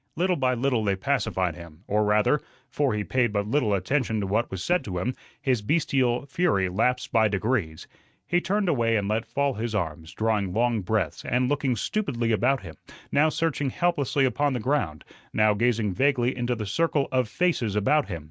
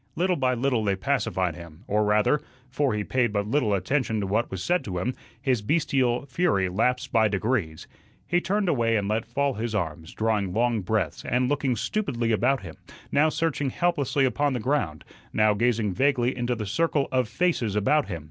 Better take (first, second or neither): second